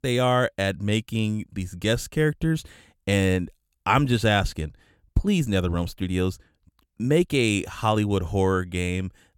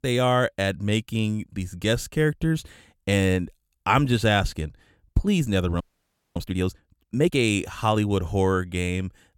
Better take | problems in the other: first | audio freezing; at 6 s for 0.5 s

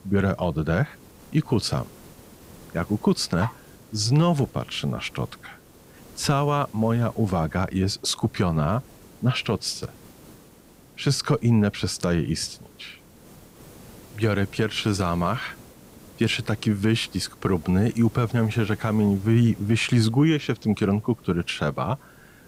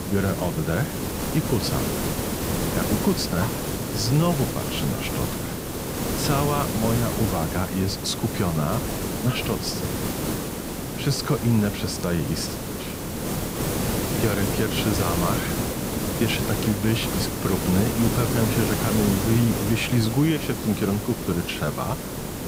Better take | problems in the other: first | hiss; loud; throughout; 2 dB below the speech; faint in the first

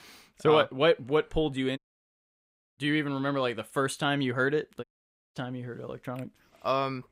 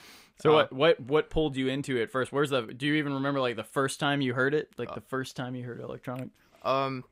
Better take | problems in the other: second | audio cutting out; at 2 s for 1 s and at 5 s for 0.5 s

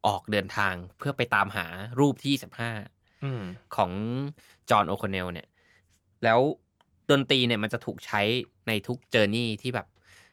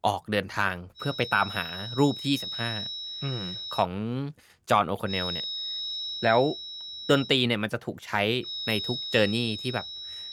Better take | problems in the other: first | high-pitched whine; loud; from 1 to 4 s, from 5 to 7.5 s and from 8.5 s on; 4 kHz, 6 dB below the speech

